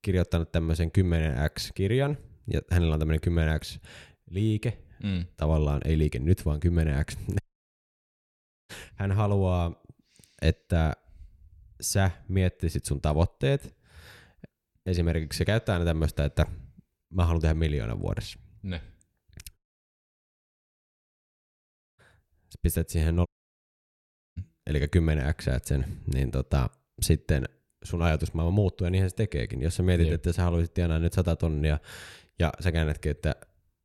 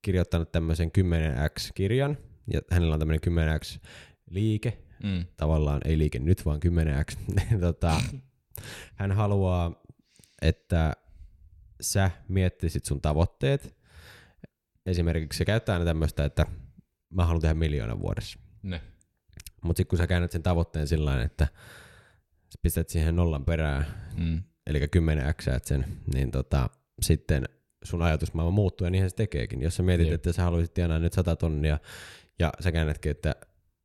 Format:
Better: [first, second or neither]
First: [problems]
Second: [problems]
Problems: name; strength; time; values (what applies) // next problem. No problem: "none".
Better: second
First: audio cutting out; at 7.5 s for 1.5 s, at 20 s for 2.5 s and at 23 s for 1 s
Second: none